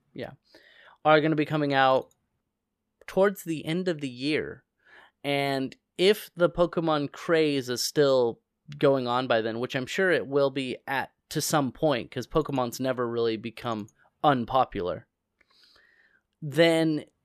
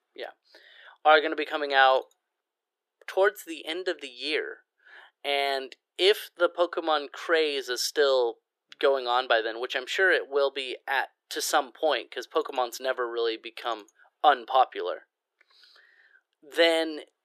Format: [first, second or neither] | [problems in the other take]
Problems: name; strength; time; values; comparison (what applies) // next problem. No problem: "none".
first | thin; very; fading below 350 Hz